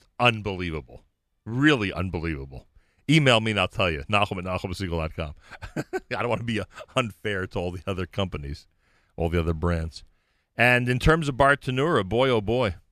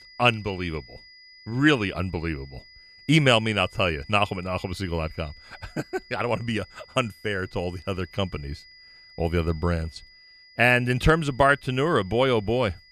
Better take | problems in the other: first | high-pitched whine; faint; throughout; 2 kHz, 25 dB below the speech

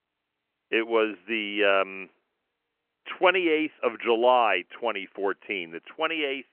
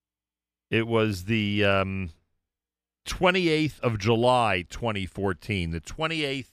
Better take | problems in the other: second | phone-call audio; nothing above 3 kHz

